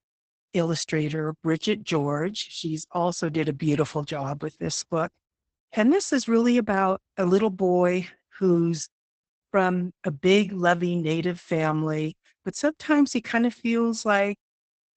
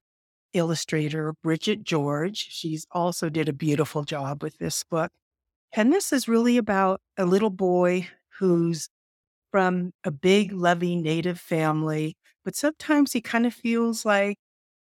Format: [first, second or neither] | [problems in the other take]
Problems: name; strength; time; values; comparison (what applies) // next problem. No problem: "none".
second | garbled, watery; badly; nothing above 8 kHz